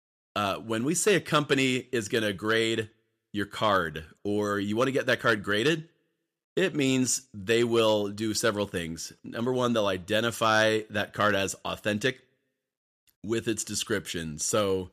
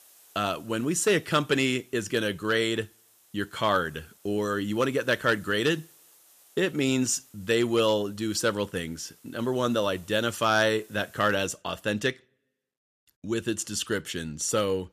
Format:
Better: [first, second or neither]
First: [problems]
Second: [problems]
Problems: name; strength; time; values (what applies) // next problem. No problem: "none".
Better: first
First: none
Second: hiss; faint; until 11 s; 30 dB below the speech